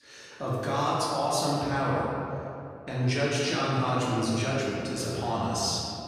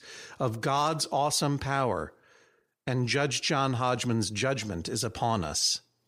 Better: second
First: room echo; strong; dies away in 2.4 s // off-mic speech; far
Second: none

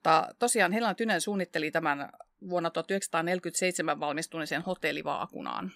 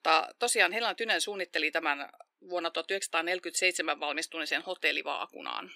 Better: first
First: none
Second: thin; somewhat; fading below 350 Hz

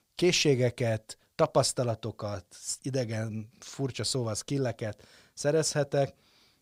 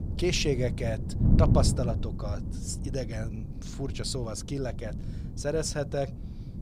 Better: first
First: none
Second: wind noise on the microphone; heavy; 9 dB below the speech

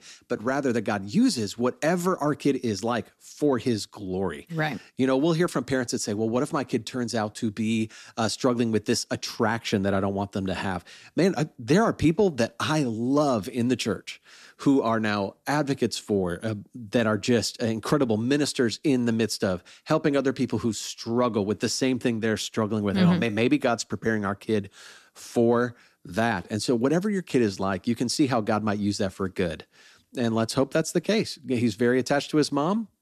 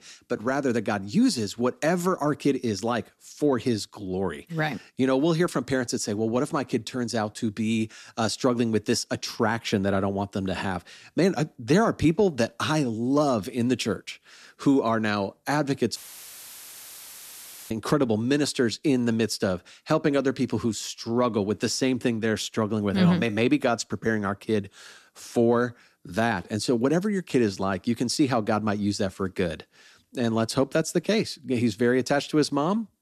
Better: first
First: none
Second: audio cutting out; filled with static; at 16 s for 1.5 s

